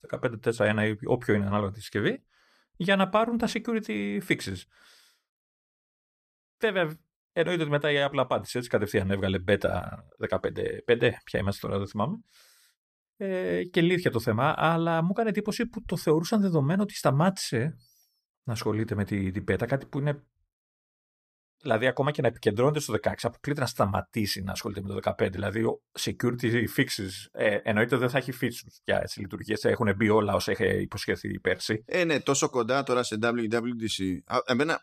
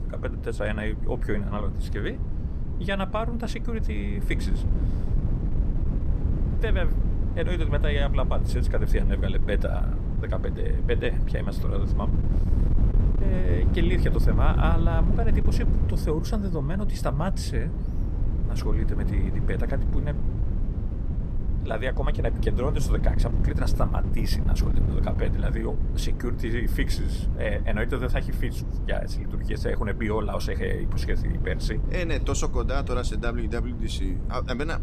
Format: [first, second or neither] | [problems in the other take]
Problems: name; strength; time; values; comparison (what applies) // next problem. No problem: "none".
first | wind noise on the microphone; heavy; 8 dB below the speech